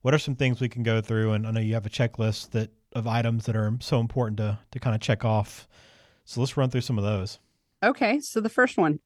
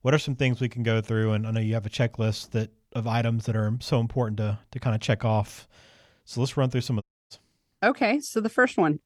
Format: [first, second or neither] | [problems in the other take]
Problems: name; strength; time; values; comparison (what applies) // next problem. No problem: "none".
first | audio cutting out; at 7 s